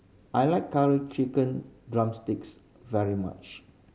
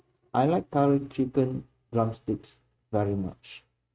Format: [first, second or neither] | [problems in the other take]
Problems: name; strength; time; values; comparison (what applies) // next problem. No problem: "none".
first | noise reduction (neural mask model RNNoise)